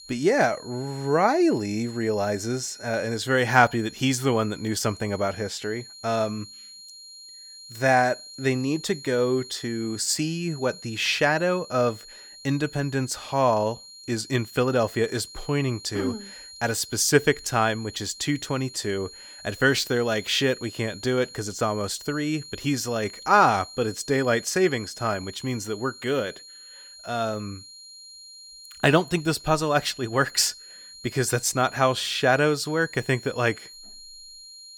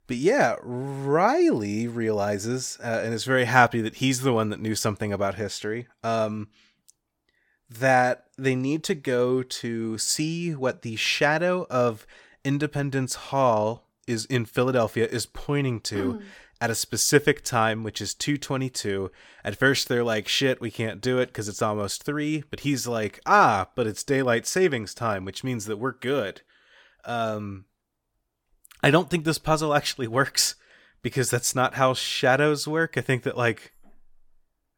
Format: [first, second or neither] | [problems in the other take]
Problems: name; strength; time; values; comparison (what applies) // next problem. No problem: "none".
second | high-pitched whine; noticeable; throughout; 4 kHz, 15 dB below the speech